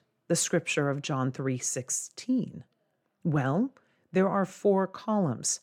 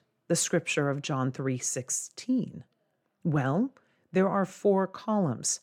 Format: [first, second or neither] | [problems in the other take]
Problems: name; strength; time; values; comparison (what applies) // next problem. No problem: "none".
neither | none